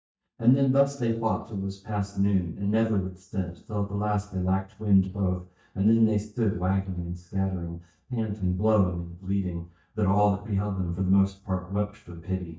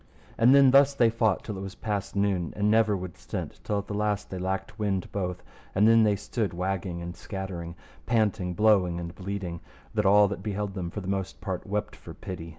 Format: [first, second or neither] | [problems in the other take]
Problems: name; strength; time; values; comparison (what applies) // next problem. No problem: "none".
second | noise reduction (neural mask model DeepFilterNet 3)